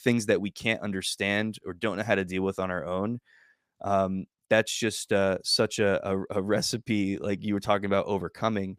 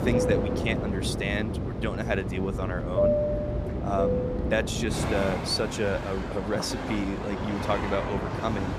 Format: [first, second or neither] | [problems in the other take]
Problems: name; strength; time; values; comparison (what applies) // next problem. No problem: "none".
first | train or aircraft noise; very loud; throughout; 1 dB above the speech